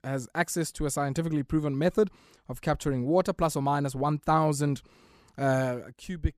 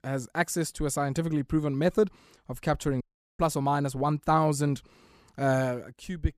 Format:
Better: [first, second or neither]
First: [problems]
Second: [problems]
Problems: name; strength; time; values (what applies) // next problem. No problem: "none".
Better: first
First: none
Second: audio cutting out; at 3 s